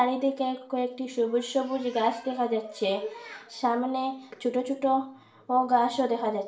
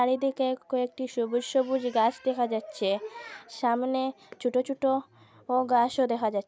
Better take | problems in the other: second | room echo; dies away in 0.4 s

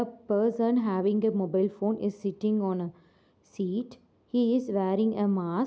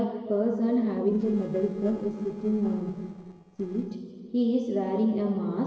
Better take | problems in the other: first | noise reduction (neural separator model SepFormer DNS4)

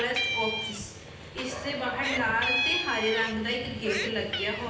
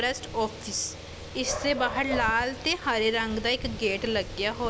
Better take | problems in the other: second | background sound (Meow); 3 dB below the speech // room echo; dies away in 0.9 s

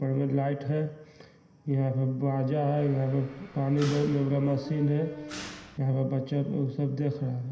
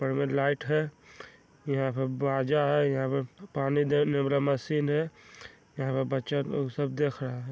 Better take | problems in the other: second | background sound (Mechanisms); 14 dB below the speech // room echo; dies away in 0.9 s

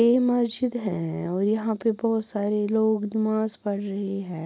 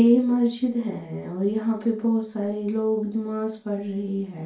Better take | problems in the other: first | room echo; dies away in 0.3 s

